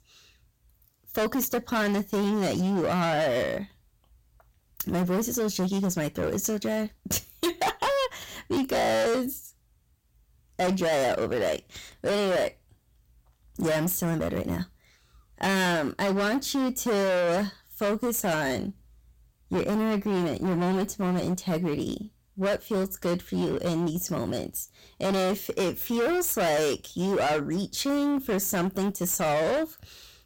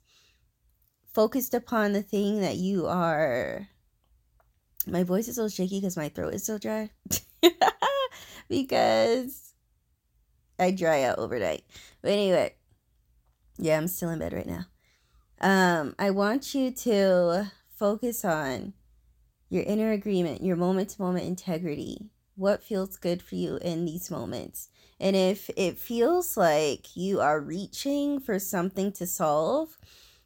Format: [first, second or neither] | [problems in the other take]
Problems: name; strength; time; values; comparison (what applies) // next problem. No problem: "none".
second | distortion; heavy; 21% of the sound clipped